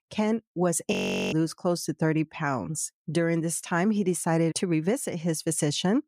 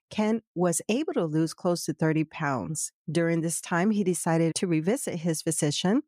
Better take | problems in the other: second | audio freezing; at 1 s

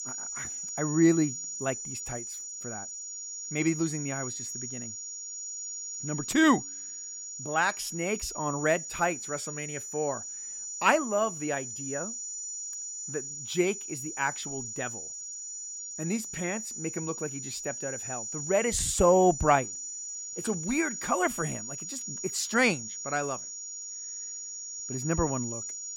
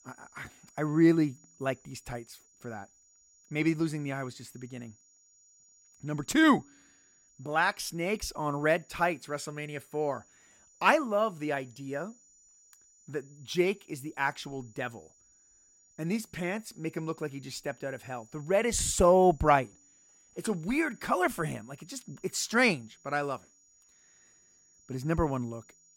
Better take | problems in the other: second | high-pitched whine; loud; throughout; 7 kHz, 6 dB below the speech; faint in the second

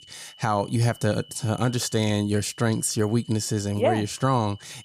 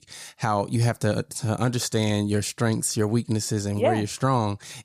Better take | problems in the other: second | high-pitched whine; faint; throughout; 3 kHz, 20 dB below the speech

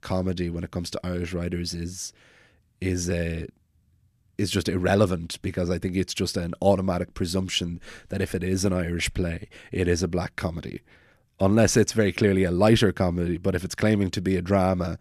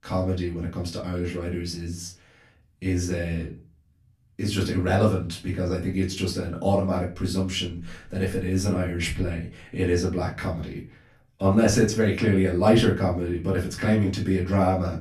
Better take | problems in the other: first | off-mic speech; far // room echo; very slight; dies away in 0.3 s

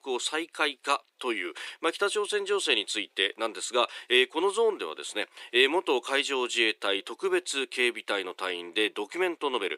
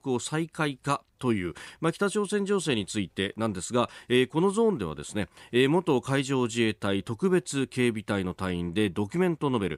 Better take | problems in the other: second | thin; very; fading below 350 Hz

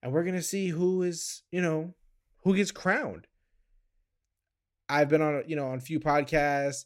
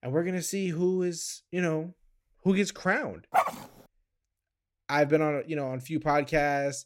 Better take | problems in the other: first | dog barking; loud; at 3.5 s; peak 1 dB above the speech

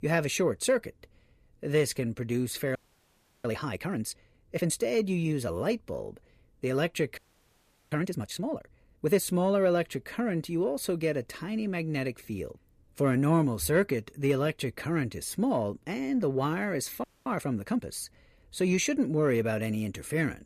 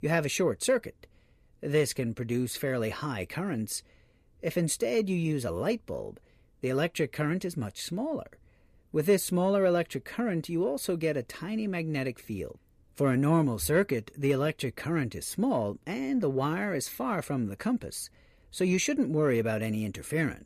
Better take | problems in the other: second | audio freezing; at 3 s for 0.5 s, at 7 s for 0.5 s and at 17 s

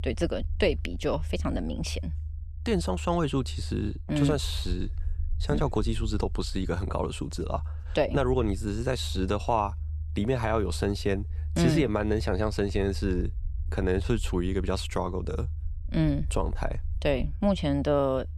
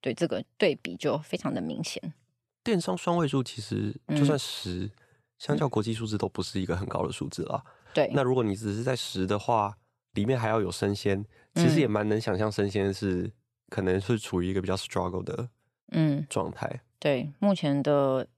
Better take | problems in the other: second | low rumble; faint; throughout; 25 dB below the speech

